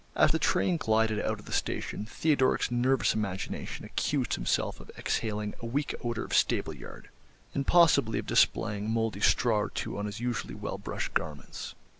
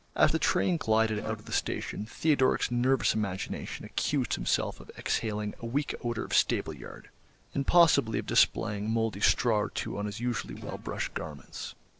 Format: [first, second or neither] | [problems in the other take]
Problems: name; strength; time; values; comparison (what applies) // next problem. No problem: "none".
first | noise reduction (neural separator model SepFormer DNS4)